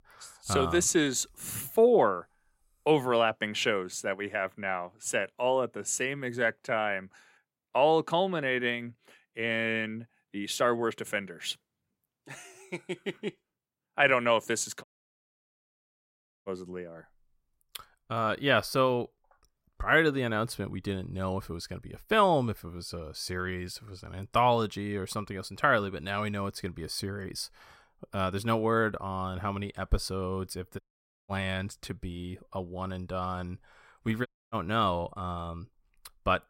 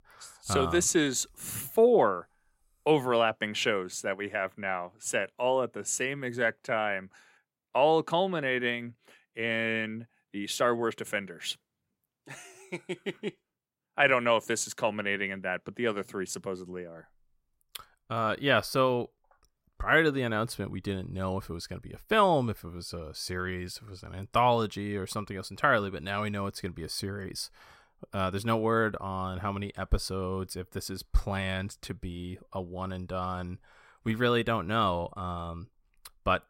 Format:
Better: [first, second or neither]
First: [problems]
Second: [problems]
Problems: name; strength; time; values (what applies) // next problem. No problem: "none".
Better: second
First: audio cutting out; at 15 s for 1.5 s, at 31 s and at 34 s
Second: none